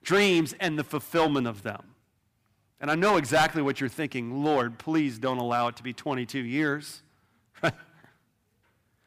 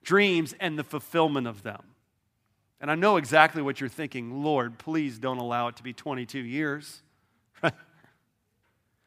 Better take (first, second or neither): second